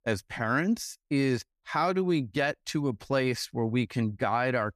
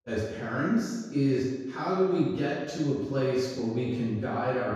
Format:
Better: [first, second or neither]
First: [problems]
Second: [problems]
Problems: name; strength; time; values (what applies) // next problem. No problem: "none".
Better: first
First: none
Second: room echo; strong; dies away in 1.2 s // off-mic speech; far